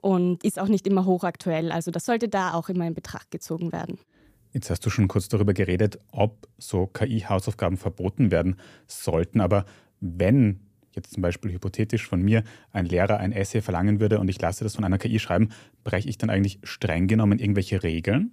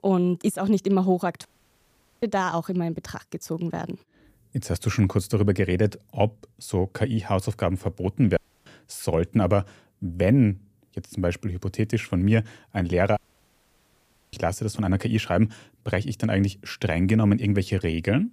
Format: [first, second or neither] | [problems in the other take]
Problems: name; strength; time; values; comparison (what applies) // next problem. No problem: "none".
first | audio cutting out; at 1.5 s for 1 s, at 8.5 s and at 13 s for 1 s